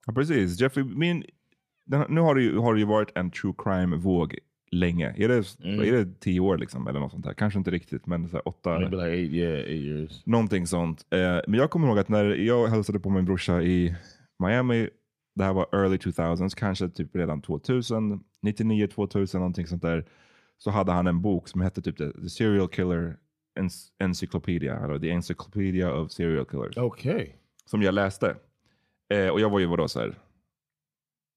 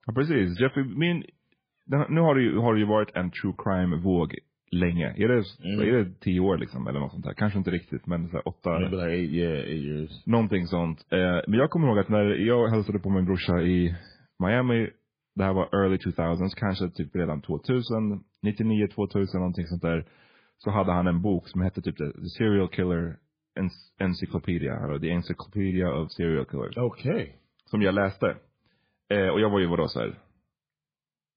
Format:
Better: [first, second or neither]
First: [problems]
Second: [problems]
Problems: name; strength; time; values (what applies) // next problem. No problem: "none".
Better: first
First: none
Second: garbled, watery; badly